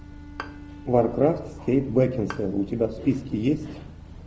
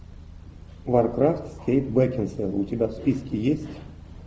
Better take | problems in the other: second | background sound (Bowed string instrument + Bowed string instrument); 19 dB below the speech

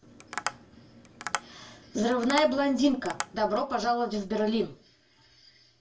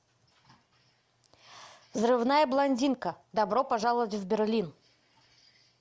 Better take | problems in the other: second | background sound (Tap); 10 dB below the speech // room echo; dies away in 0.2 s

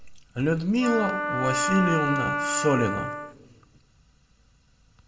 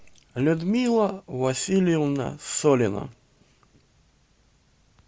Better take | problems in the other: second | background sound (Wind instrument, woodwind instrument); 1 dB below the speech // room echo; dies away in 0.6 s

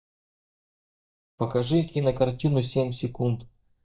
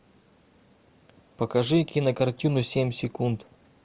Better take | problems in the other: second | noise reduction (neural mask model DeepFilterNet 3)

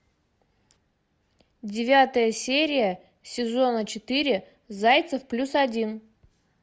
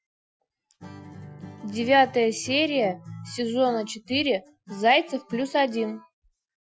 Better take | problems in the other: first | noise reduction (classical method Wiener filter)

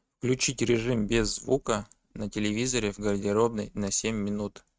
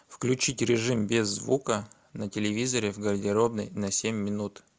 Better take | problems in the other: second | noise reduction (neural mask model RNNoise)

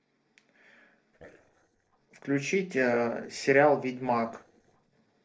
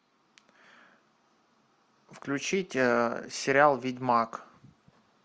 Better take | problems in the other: second | noise reduction (neural separator model SepFormer DNS4)

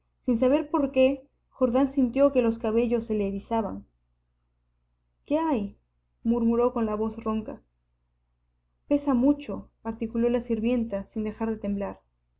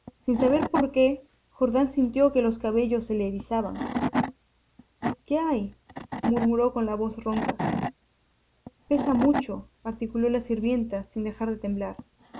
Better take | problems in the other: first | background sound (Wood / Tools); 8 dB below the speech

